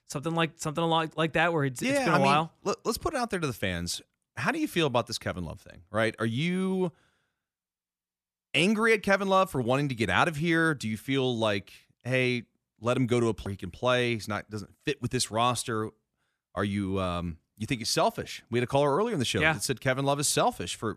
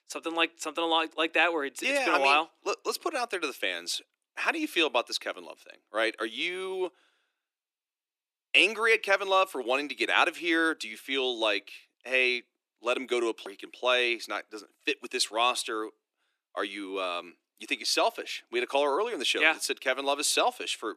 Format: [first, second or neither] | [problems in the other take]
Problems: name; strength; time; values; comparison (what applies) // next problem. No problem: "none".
first | thin; somewhat; fading below 300 Hz